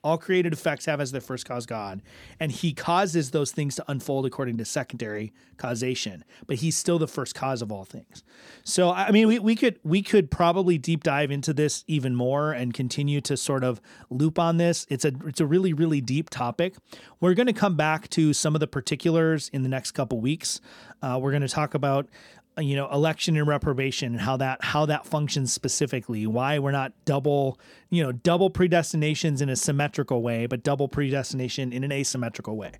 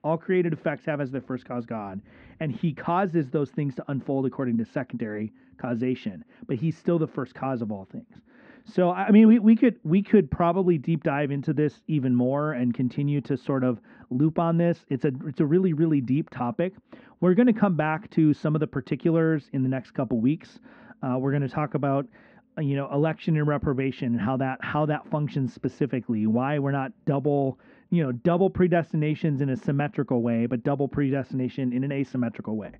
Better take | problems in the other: first | muffled; very; fading above 2 kHz

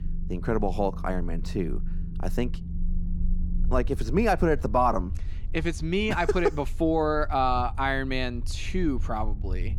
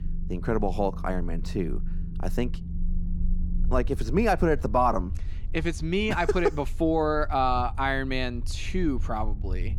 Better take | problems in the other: neither | low rumble; faint; throughout; 25 dB below the speech; the same in both

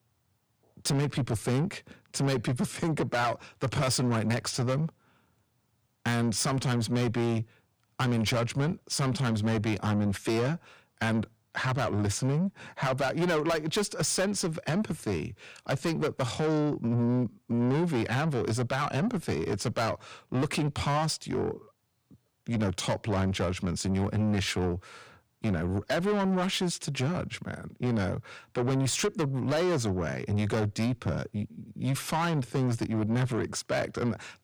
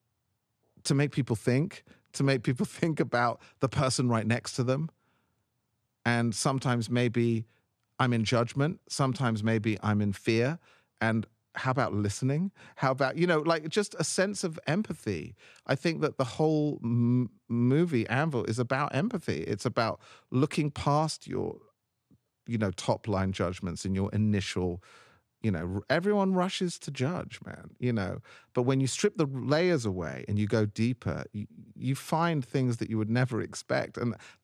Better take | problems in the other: second | distortion; heavy; 7 dB below the speech

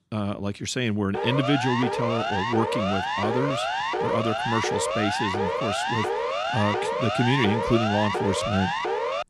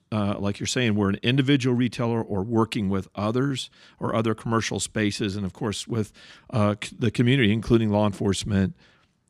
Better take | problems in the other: second | siren; loud; from 1 s on; peak 1 dB above the speech

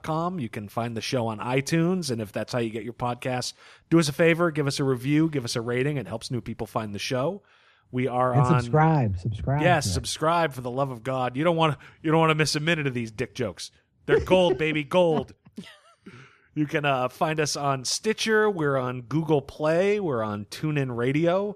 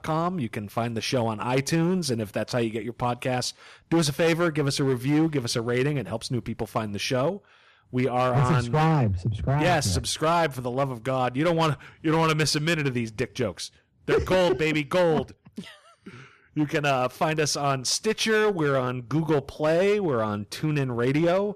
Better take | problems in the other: first | distortion; slight; 8% of the sound clipped

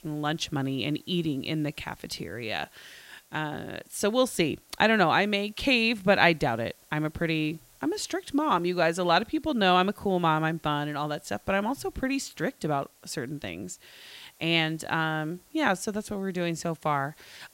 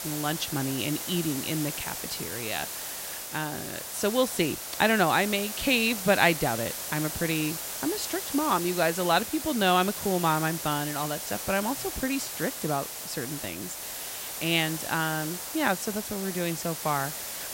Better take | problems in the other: first | hiss; loud; throughout; 5 dB below the speech; faint in the first

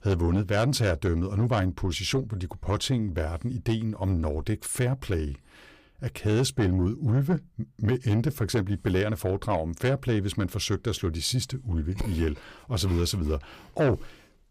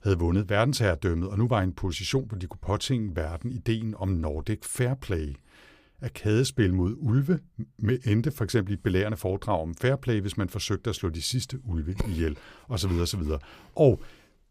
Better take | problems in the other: second | distortion; slight; 10 dB below the speech

